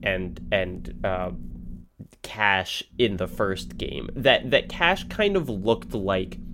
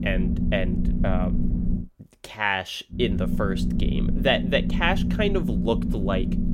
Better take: first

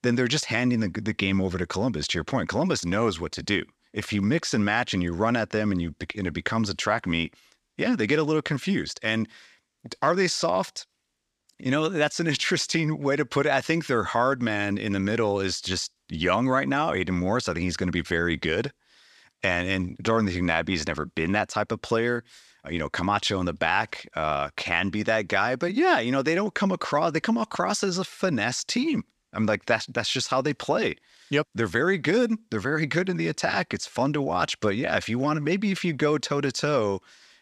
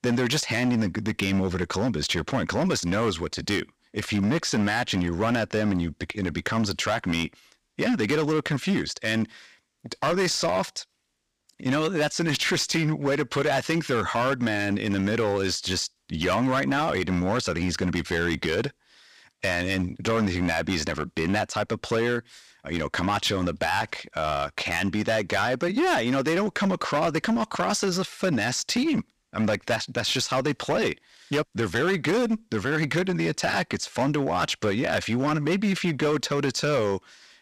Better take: first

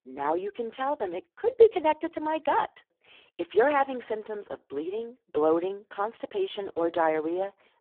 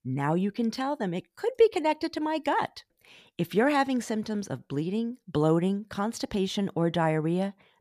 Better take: second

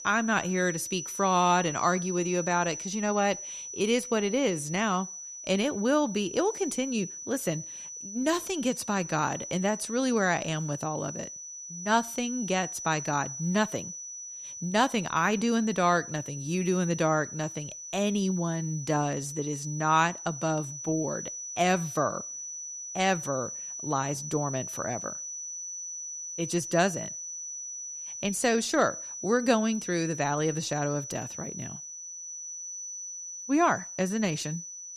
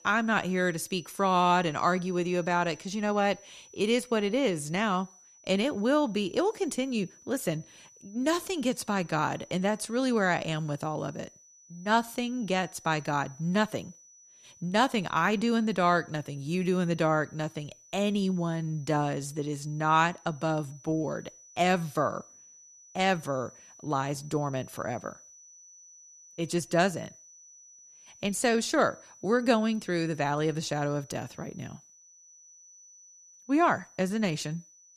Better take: second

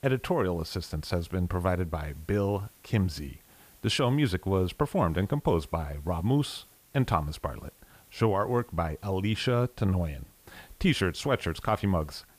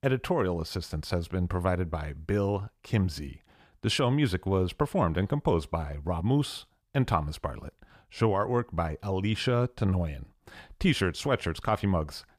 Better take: second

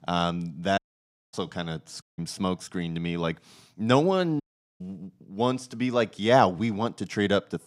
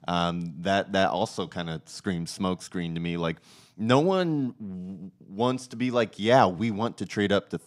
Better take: second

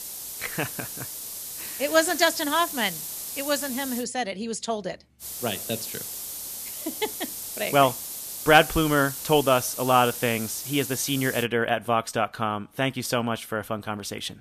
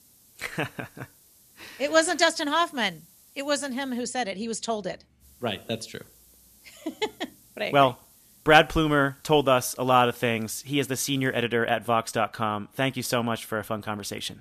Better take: second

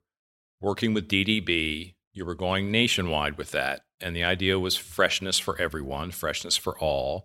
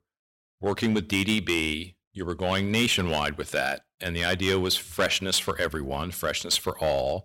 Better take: first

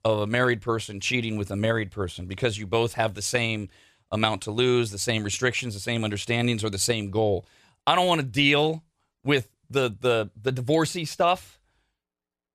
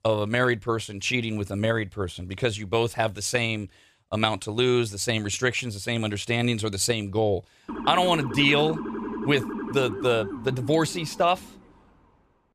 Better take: first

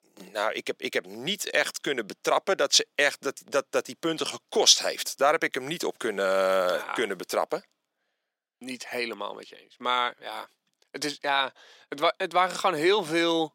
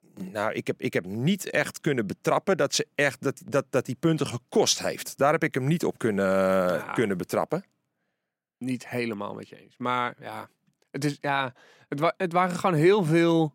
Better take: second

